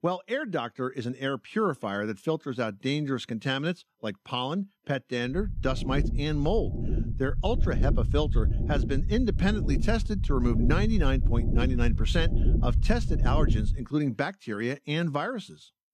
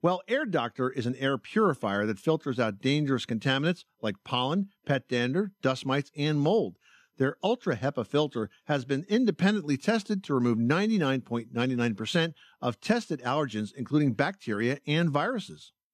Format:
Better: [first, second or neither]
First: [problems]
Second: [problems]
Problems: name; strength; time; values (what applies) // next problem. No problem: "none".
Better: second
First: low rumble; loud; from 5.5 to 14 s; 10 dB below the speech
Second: none